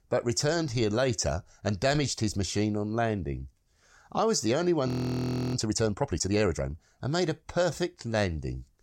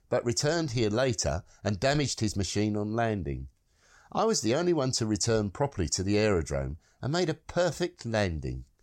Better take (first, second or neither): second